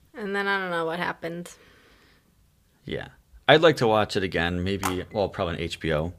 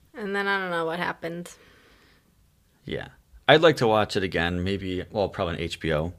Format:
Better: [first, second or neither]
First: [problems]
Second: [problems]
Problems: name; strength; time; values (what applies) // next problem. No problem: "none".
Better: second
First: phone ringing; noticeable; at 5 s; peak 8 dB below the speech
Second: none